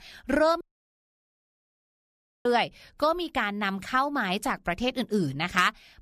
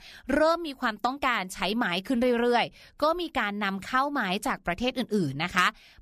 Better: second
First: audio cutting out; at 0.5 s for 2 s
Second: none

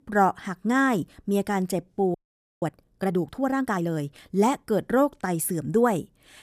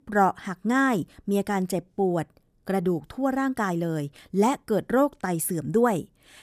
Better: second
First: audio freezing; at 2 s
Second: none

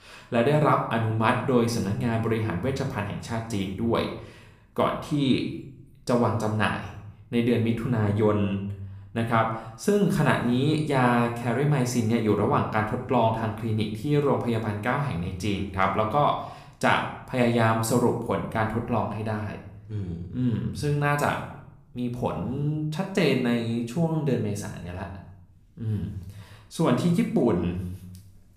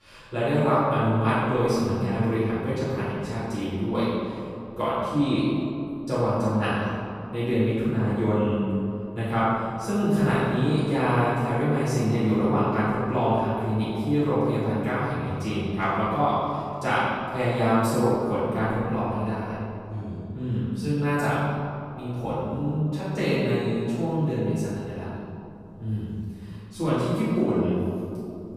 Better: first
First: room echo; slight; dies away in 0.6 s // off-mic speech; somewhat distant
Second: room echo; strong; dies away in 2.4 s // off-mic speech; far

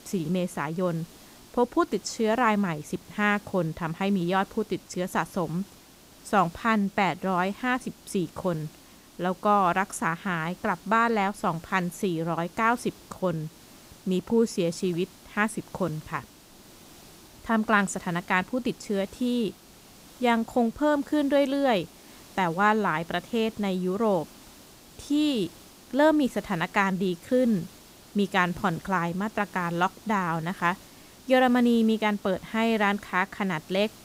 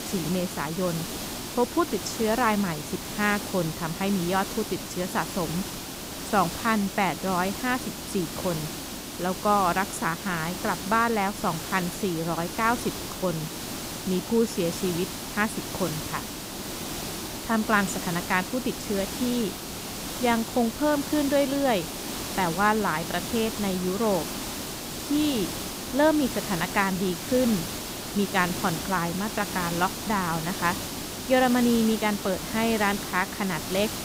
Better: first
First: hiss; faint; throughout; 25 dB below the speech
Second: hiss; loud; throughout; 6 dB below the speech

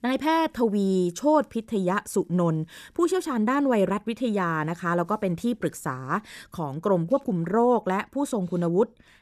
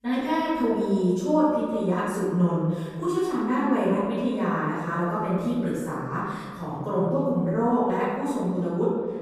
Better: first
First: none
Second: off-mic speech; far // room echo; strong; dies away in 1.5 s

